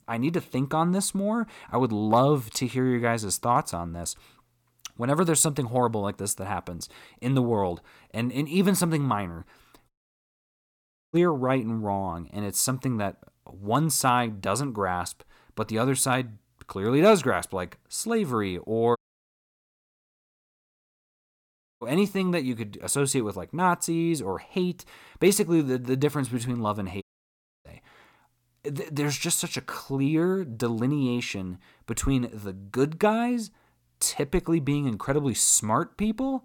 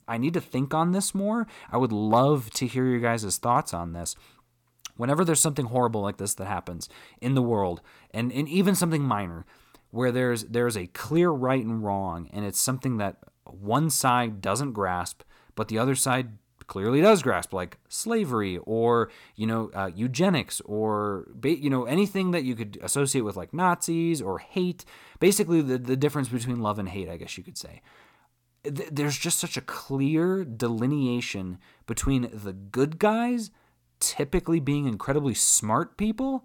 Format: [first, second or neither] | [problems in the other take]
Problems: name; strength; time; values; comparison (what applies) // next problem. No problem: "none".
second | audio cutting out; at 10 s for 1 s, at 19 s for 3 s and at 27 s for 0.5 s